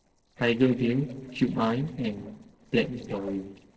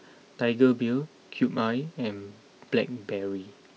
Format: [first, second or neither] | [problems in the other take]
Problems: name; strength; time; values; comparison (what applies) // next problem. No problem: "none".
second | noise reduction (neural separator model SepFormer DNS4)